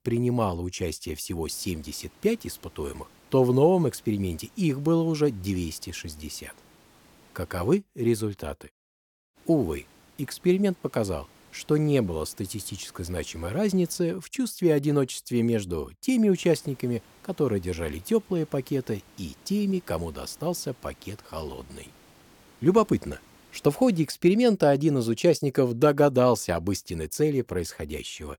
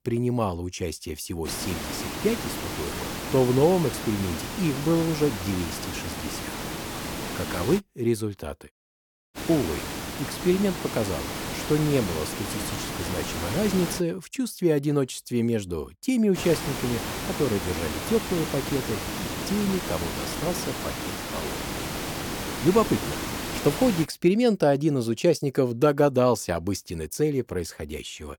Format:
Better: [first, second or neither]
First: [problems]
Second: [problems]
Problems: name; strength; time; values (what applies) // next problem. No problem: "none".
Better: first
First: hiss; faint; from 1.5 to 8 s, from 9.5 to 14 s and from 16 to 24 s; 30 dB below the speech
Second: hiss; loud; from 1.5 to 8 s, from 9.5 to 14 s and from 16 to 24 s; 5 dB below the speech